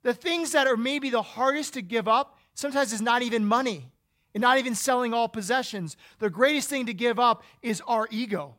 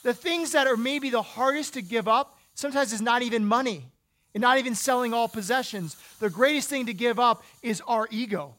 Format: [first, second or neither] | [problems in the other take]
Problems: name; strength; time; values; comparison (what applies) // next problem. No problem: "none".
first | hiss; faint; throughout; 25 dB below the speech